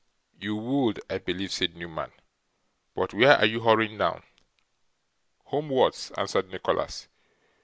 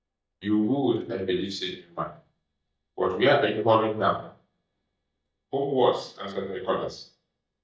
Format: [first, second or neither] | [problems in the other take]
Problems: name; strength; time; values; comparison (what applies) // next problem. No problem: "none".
first | noise reduction (neural mask model DeepFilterNet 3)